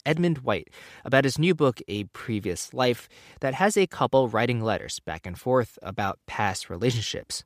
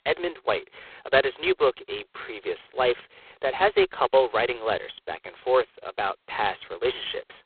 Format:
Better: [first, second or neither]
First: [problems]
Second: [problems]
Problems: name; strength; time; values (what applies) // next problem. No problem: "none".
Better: first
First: none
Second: phone-call audio; poor line; nothing above 4 kHz